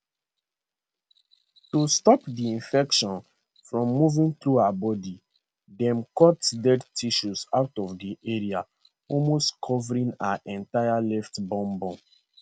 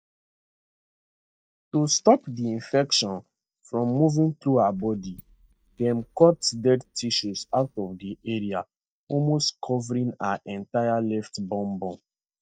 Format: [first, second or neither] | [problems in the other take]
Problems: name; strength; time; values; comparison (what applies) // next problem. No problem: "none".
first | noise reduction (neural mask model DeepFilterNet 3)